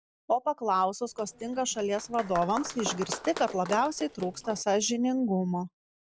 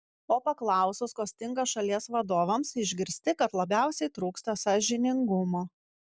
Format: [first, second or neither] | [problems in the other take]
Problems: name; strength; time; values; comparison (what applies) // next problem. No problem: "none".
second | background sound (Applause); 12 dB below the speech